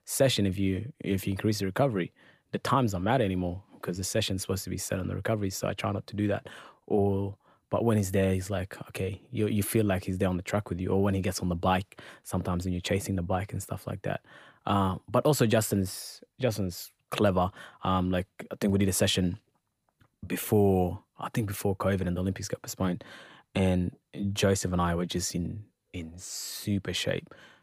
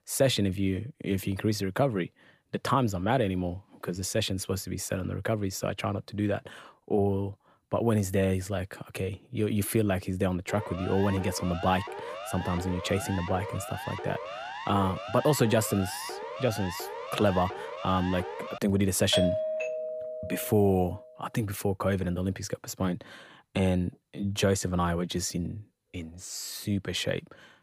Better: first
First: none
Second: siren; noticeable; from 10 to 19 s; peak 8 dB below the speech // doorbell; loud; from 19 to 21 s; peak 2 dB above the speech

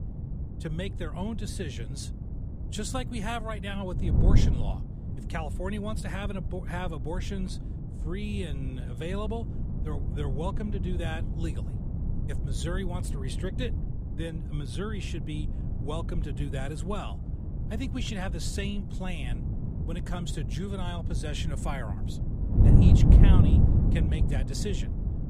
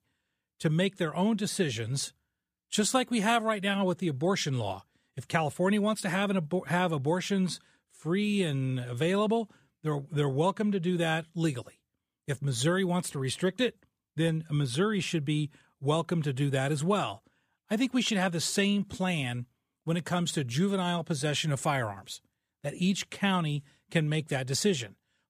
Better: second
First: wind noise on the microphone; heavy; 3 dB below the speech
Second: none

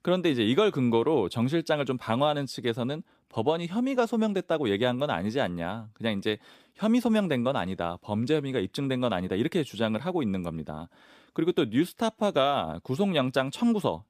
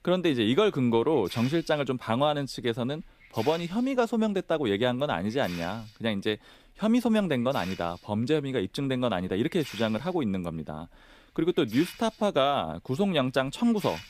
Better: first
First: none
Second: hiss; noticeable; throughout; 15 dB below the speech

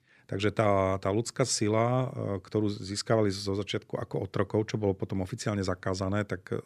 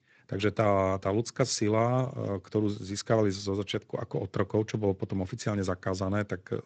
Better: first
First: none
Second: garbled, watery; slightly; nothing above 8 kHz

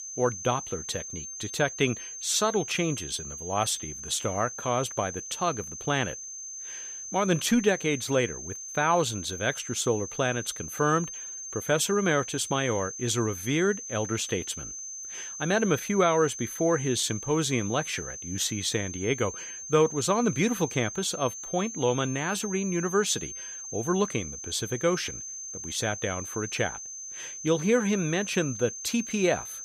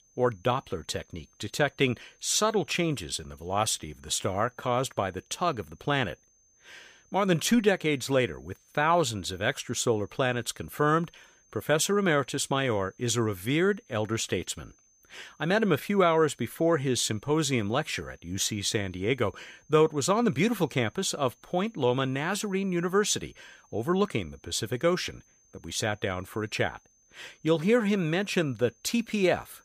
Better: second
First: high-pitched whine; loud; throughout; 6.5 kHz, 8 dB below the speech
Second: high-pitched whine; faint; throughout; 6.5 kHz, 35 dB below the speech

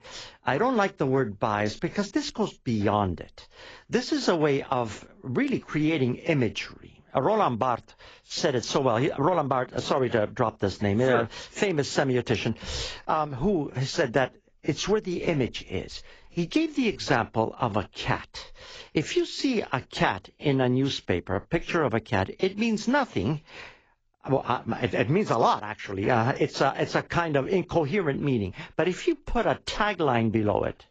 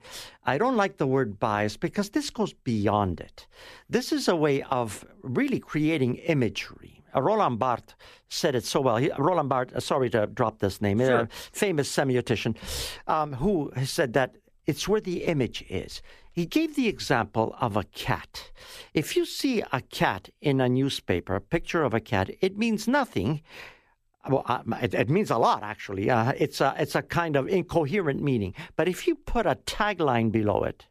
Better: second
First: garbled, watery; badly; nothing above 7.5 kHz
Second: none

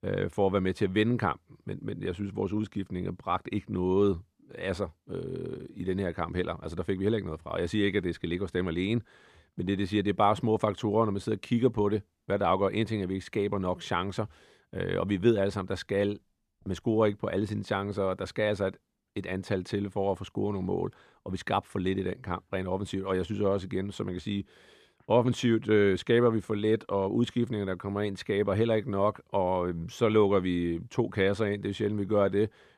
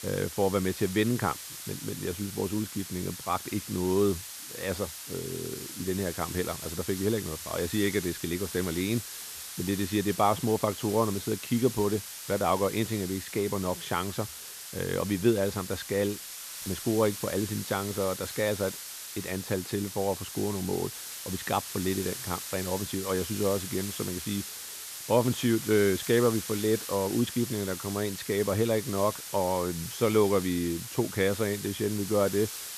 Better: first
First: none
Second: hiss; loud; throughout; 8 dB below the speech

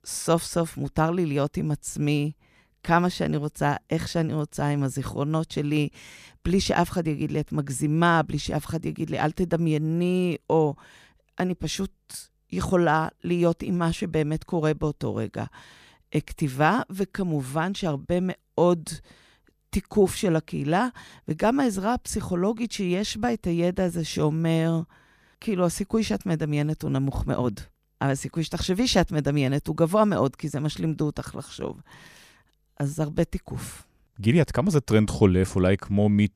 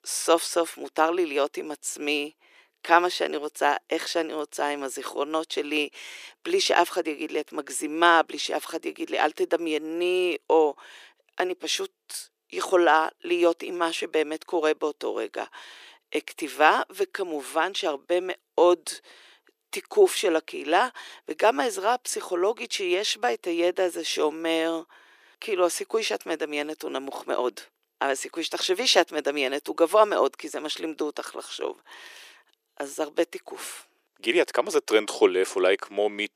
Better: first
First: none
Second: thin; very; fading below 350 Hz

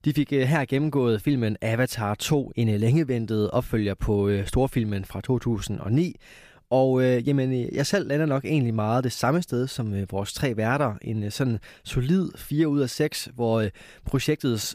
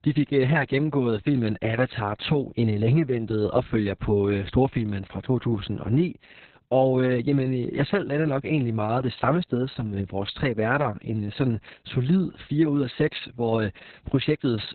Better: first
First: none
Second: garbled, watery; badly; nothing above 4 kHz

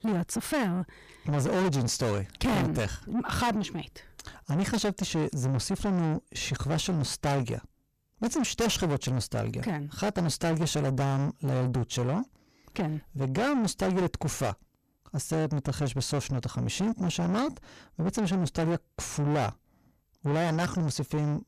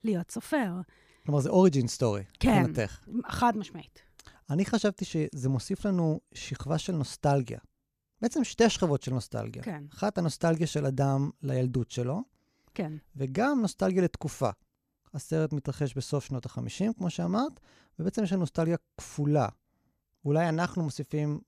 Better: second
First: distortion; heavy; 5 dB below the speech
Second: none

